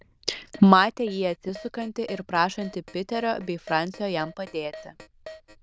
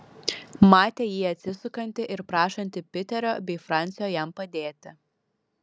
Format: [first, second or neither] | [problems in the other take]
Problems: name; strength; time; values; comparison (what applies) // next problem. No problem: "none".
second | noise reduction (neural diffusion model UNIVERSE++)